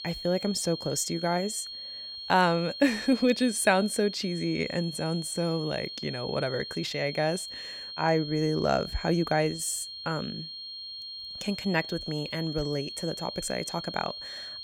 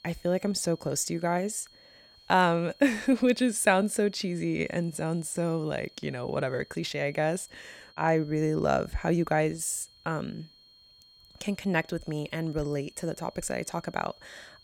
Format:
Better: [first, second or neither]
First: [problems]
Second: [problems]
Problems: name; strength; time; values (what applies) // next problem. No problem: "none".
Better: second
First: high-pitched whine; loud; throughout; 4.5 kHz, 8 dB below the speech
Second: high-pitched whine; faint; throughout; 4.5 kHz, 25 dB below the speech